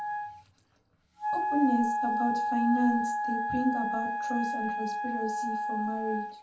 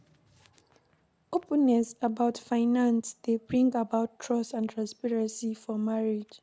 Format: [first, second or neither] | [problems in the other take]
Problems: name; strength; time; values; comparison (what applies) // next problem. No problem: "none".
second | background sound (Wind instrument, woodwind instrument); 1 dB above the speech // room echo; dies away in 0.3 s